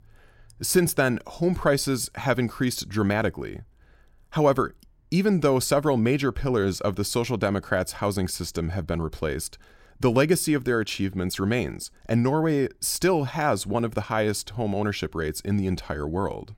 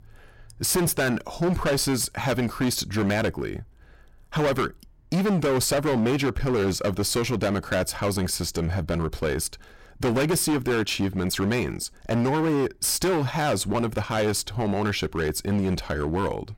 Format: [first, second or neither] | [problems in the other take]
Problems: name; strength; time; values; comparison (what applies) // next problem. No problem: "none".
first | distortion; heavy; 17% of the sound clipped